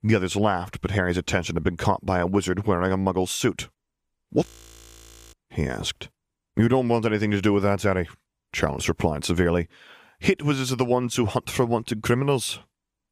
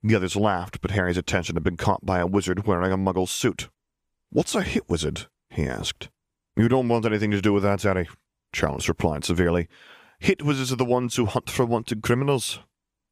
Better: second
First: audio freezing; at 4.5 s for 1 s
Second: none

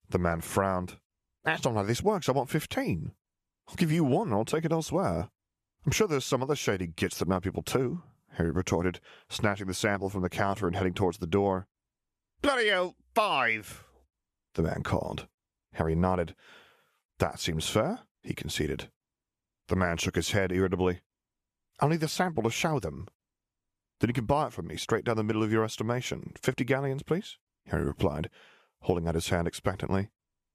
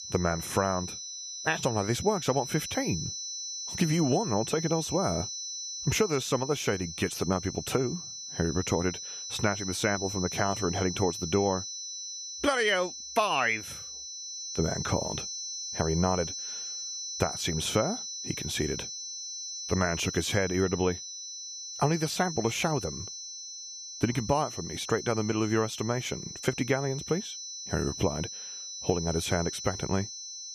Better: first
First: none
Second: high-pitched whine; loud; throughout; 6 kHz, 6 dB below the speech

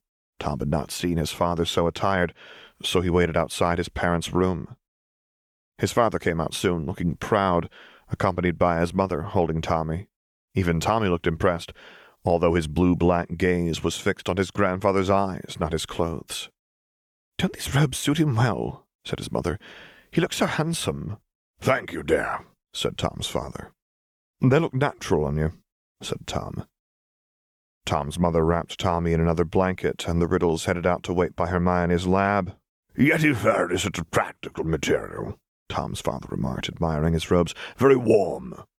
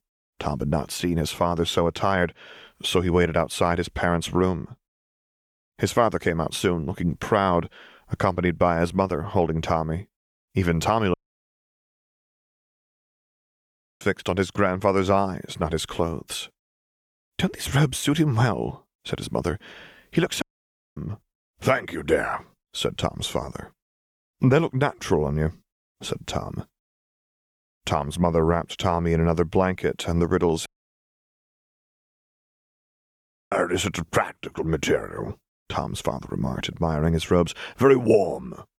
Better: first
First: none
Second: audio cutting out; at 11 s for 3 s, at 20 s for 0.5 s and at 31 s for 3 s

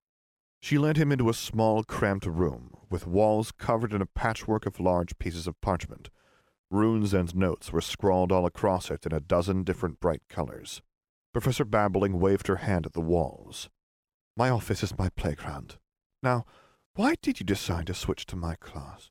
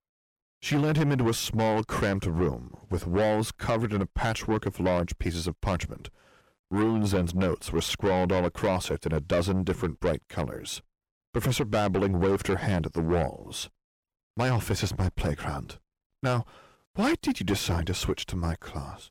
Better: first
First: none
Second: distortion; heavy; 7 dB below the speech

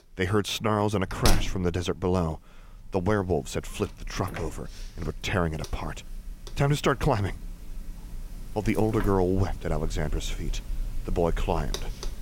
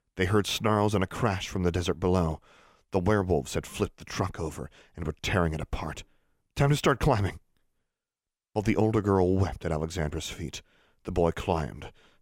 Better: second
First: household noises; loud; throughout; 9 dB below the speech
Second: none

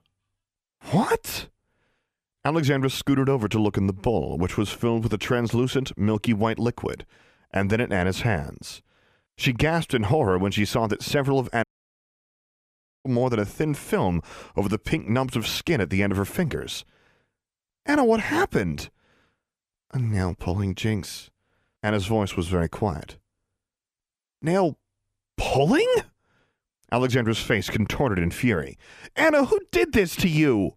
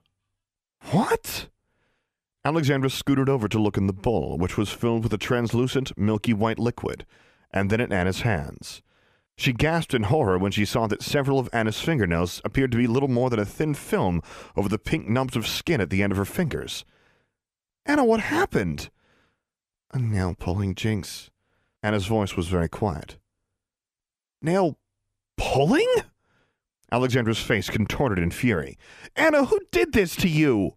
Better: second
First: audio cutting out; at 12 s for 1.5 s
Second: none

